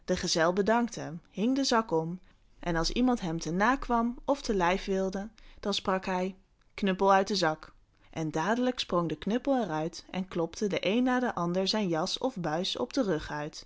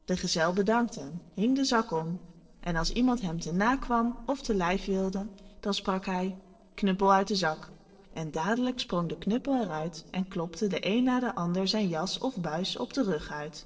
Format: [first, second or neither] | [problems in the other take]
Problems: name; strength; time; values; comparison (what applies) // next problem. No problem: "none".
first | noise reduction (neural separator model SepFormer DNS4)